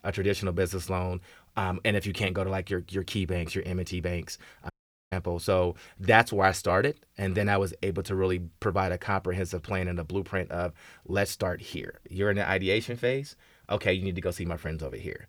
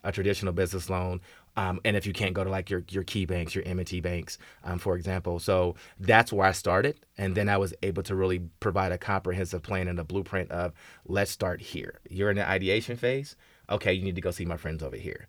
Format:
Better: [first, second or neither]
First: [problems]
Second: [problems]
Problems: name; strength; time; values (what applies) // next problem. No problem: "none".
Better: second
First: audio cutting out; at 4.5 s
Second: none